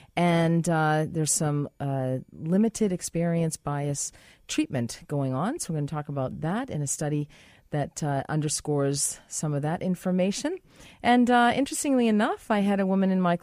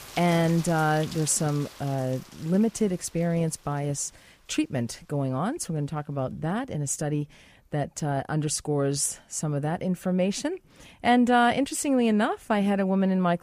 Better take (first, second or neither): first